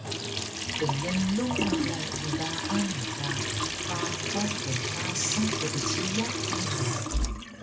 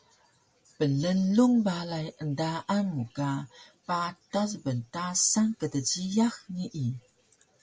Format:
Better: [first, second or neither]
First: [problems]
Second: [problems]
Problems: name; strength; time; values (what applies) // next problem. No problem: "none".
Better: second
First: background sound (Trickle, dribble / Sink (filling or washing) / Water tap, faucet); 2 dB above the speech // room echo; dies away in 0.5 s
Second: none